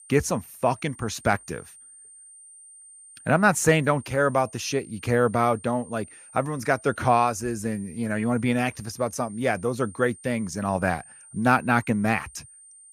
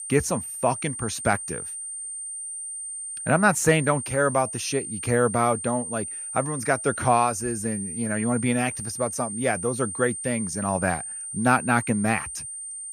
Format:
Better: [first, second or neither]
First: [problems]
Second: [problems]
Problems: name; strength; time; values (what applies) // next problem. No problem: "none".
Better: first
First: high-pitched whine; faint; throughout; 9 kHz, 20 dB below the speech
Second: high-pitched whine; loud; throughout; 9 kHz, 7 dB below the speech